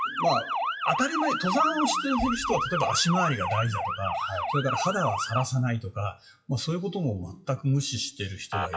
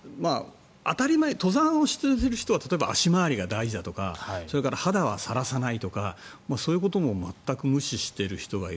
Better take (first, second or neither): second